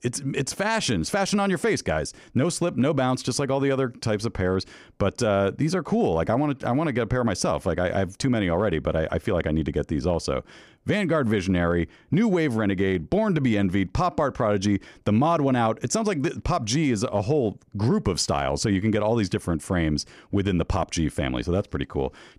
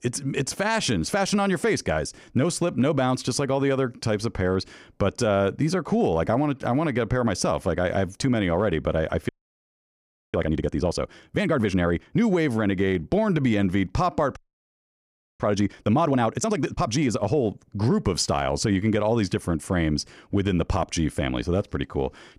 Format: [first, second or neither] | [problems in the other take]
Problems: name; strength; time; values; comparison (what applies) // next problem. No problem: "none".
first | audio freezing; at 9.5 s for 1 s and at 14 s for 1 s